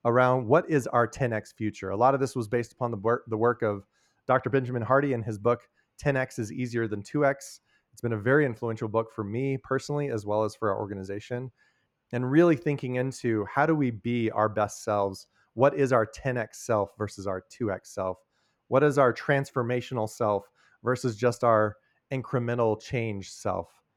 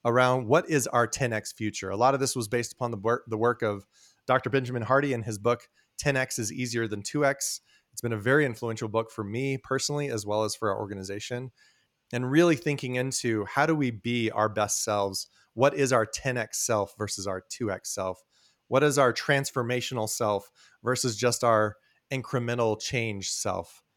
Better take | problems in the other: second | muffled; slightly; fading above 2.5 kHz

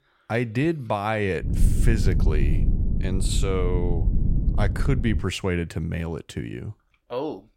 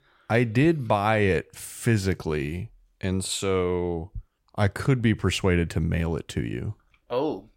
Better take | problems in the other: second | low rumble; loud; from 1.5 to 5 s; 9 dB below the speech

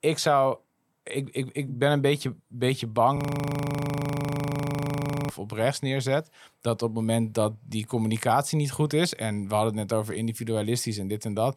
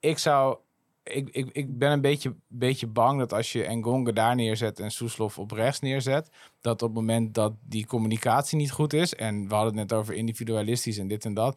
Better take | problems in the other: second | audio freezing; at 3 s for 2 s

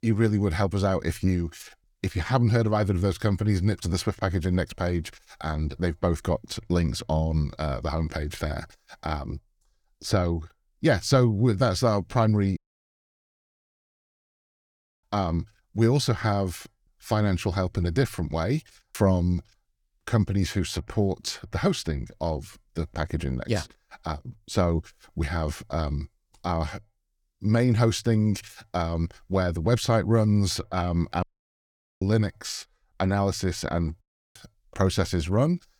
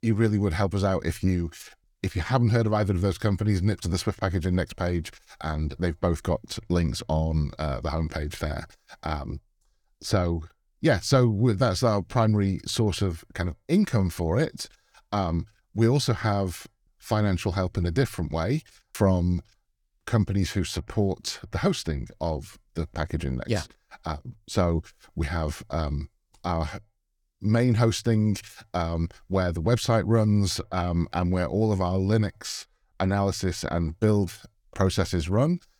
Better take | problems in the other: second | audio cutting out; at 13 s for 2.5 s, at 31 s for 1 s and at 34 s

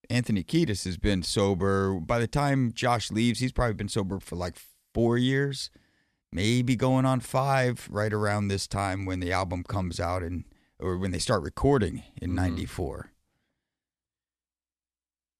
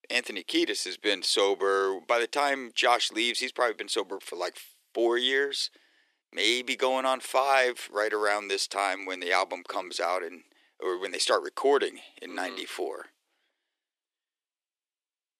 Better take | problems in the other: first | thin; very; fading below 350 Hz

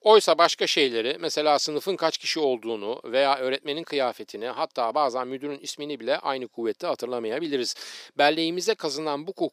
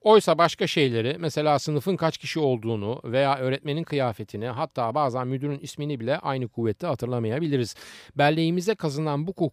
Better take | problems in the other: second | thin; somewhat; fading below 300 Hz

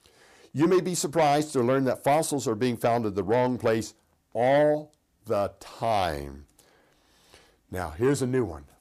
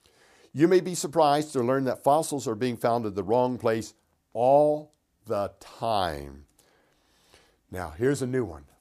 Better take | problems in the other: second | distortion; slight; 10 dB below the speech

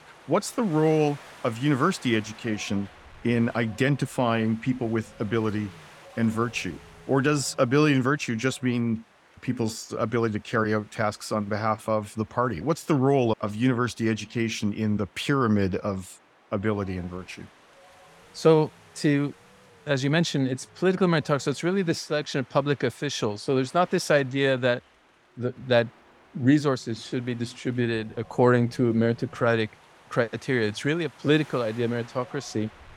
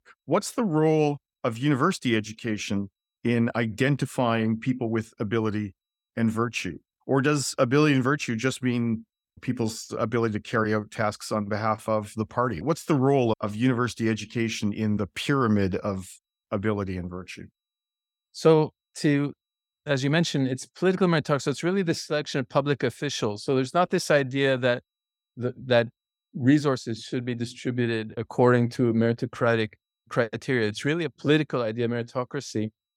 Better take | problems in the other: second | wind noise on the microphone; occasional gusts; 20 dB below the speech

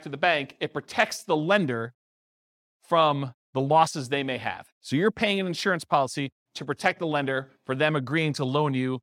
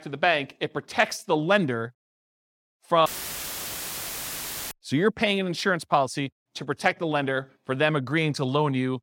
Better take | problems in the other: first | audio cutting out; filled with static; at 3 s for 1.5 s

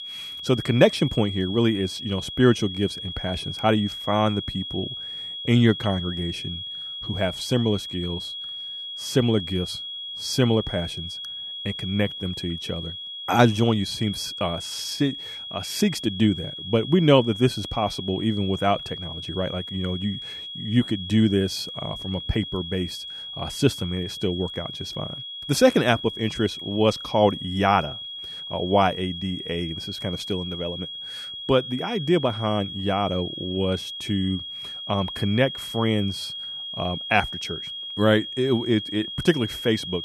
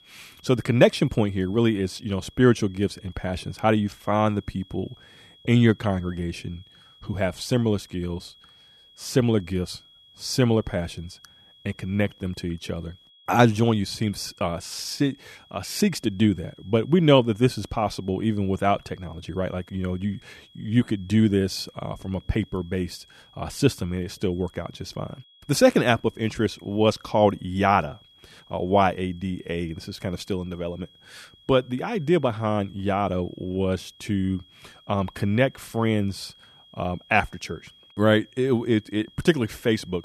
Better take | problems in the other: second | high-pitched whine; loud; throughout; 3.5 kHz, 8 dB below the speech; faint in the second

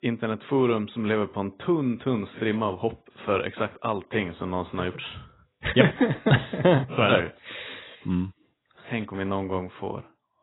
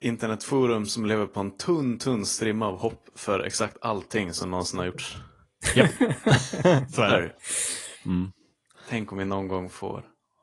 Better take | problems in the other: second | garbled, watery; badly; nothing above 4 kHz; slightly in the second

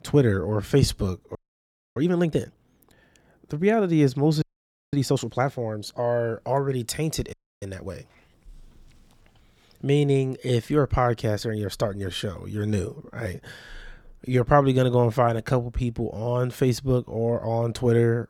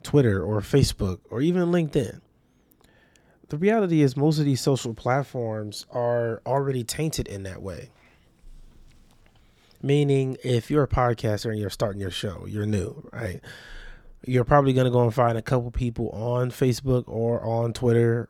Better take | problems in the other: second | audio freezing; at 1.5 s for 0.5 s, at 4.5 s for 0.5 s and at 7.5 s

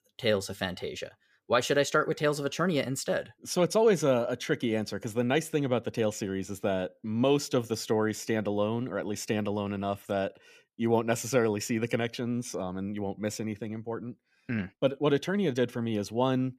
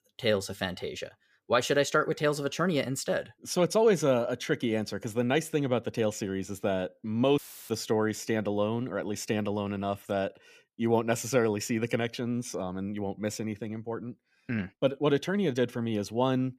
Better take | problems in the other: first | audio cutting out; filled with static; at 7.5 s

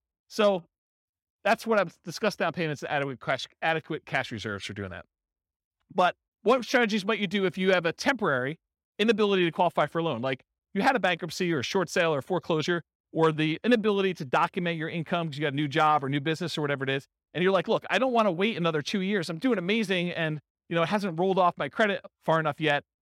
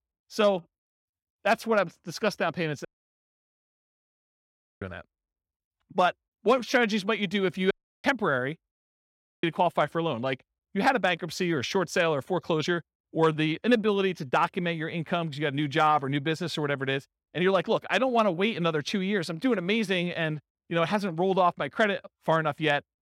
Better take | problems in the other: first | audio cutting out; at 3 s for 2 s, at 7.5 s and at 8.5 s for 0.5 s

